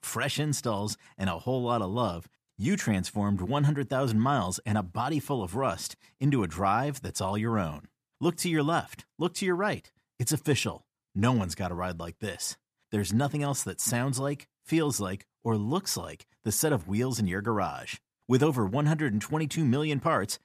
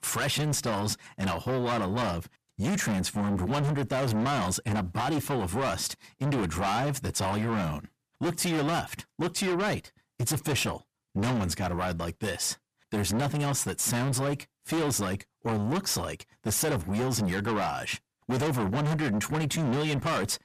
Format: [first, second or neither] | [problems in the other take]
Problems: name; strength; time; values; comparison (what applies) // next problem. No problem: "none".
first | distortion; heavy; 5 dB below the speech